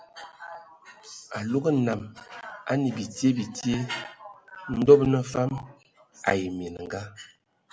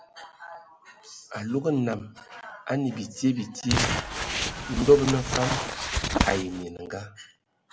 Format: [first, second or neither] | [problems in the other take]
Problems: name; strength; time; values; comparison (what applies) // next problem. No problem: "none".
first | background sound (Crumpling, crinkling); as loud as the speech